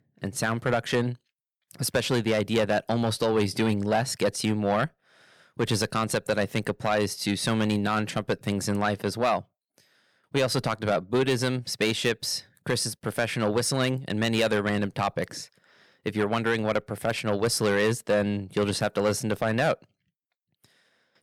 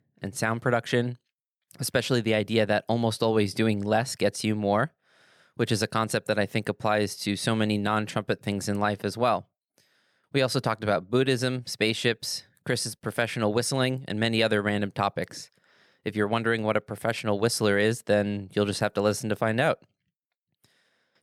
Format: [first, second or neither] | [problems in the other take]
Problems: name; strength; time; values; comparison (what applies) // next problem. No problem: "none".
second | distortion; slight; 10 dB below the speech